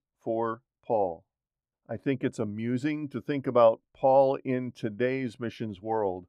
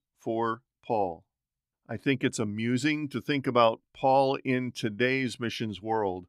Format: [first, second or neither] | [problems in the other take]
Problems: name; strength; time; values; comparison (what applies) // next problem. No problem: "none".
second | muffled; slightly; fading above 2 kHz